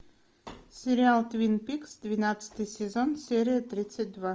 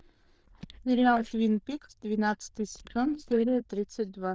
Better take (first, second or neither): first